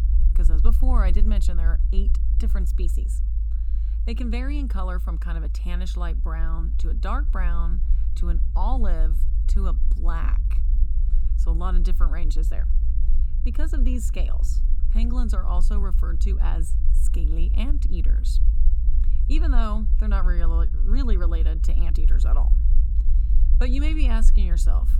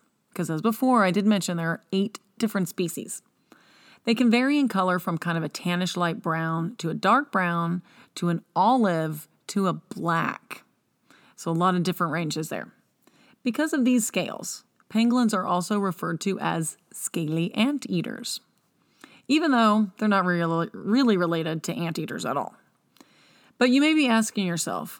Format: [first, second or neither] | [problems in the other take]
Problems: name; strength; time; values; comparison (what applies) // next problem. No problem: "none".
second | low rumble; noticeable; throughout; 10 dB below the speech